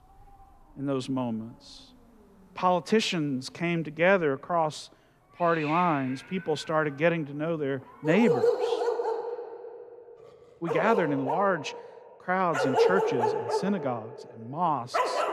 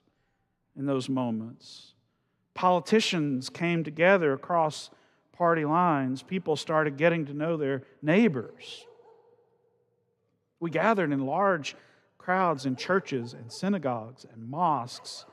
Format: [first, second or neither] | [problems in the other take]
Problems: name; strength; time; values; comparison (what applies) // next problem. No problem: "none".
second | animal sounds; loud; throughout; 2 dB below the speech; faint in the second